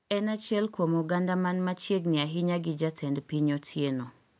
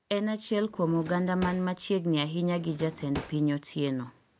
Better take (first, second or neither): first